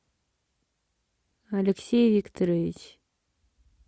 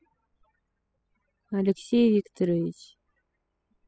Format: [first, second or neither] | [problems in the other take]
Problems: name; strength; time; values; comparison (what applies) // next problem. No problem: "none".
first | noise reduction (classical method spectral subtraction)